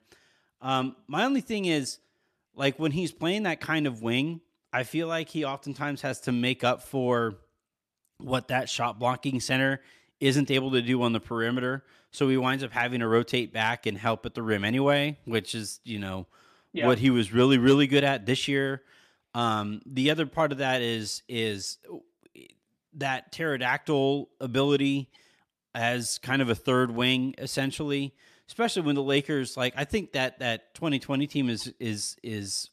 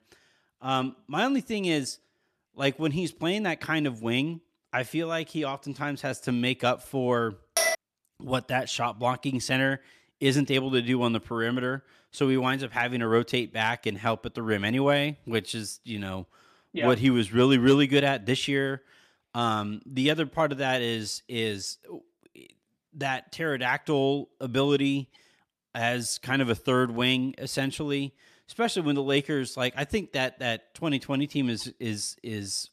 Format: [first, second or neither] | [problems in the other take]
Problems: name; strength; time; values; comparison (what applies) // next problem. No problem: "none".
first | clattering dishes; loud; at 7.5 s; peak 2 dB above the speech